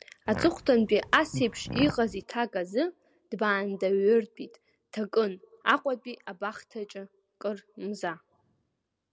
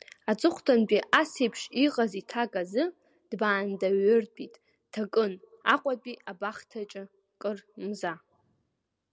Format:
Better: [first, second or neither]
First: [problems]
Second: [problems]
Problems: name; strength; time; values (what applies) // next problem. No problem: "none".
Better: second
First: background sound (Fart); 8 dB below the speech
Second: none